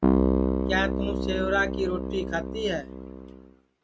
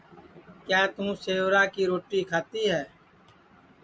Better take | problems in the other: second | noise reduction (neural mask model RNNoise)

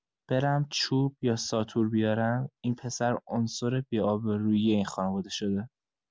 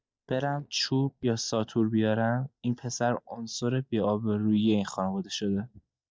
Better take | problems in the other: first | noise reduction (neural mask model DeepFilterNet 3)

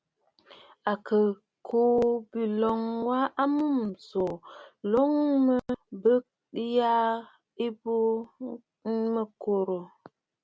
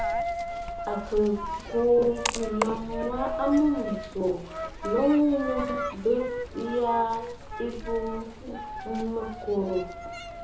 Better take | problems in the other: first | background sound (Coin (dropping)); 6 dB below the speech // room echo; dies away in 0.6 s

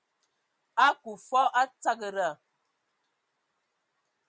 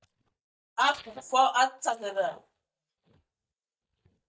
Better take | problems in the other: first | noise reduction (neural mask model DeepFilterNet 3)

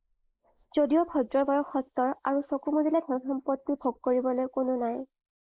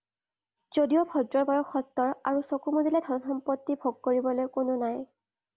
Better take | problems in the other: second | noise reduction (neural mask model Resemble Enhance denoiser)

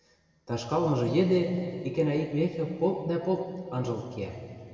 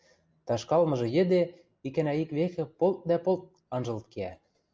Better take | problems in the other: second | room echo; dies away in 2.6 s

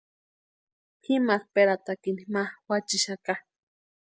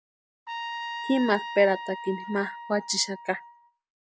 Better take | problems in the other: first | background sound (Trumpet); 9 dB below the speech

